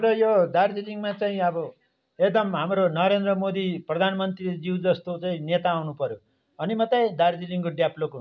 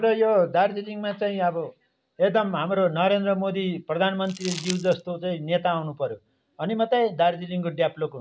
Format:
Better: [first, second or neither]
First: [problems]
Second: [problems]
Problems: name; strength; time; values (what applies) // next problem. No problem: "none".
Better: first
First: none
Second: background sound (Crumpling, crinkling); 12 dB below the speech